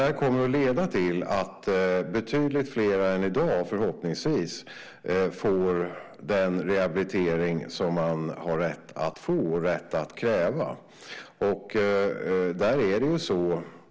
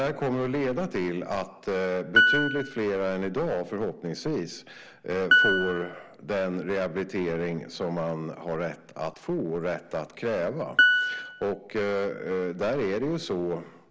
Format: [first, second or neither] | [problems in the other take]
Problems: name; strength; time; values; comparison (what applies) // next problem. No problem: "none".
first | background sound (Piano); 4 dB above the speech